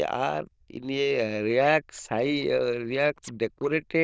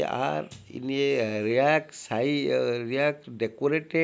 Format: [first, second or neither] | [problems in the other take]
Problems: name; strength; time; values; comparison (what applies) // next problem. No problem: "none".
second | noise reduction (neural diffusion model UNIVERSE++)